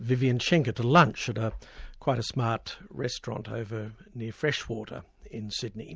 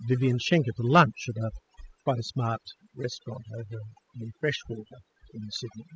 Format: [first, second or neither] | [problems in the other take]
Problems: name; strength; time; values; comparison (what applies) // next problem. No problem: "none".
first | noise reduction (classical method spectral subtraction)